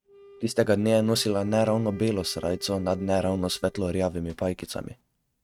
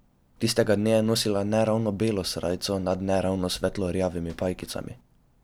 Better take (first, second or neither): second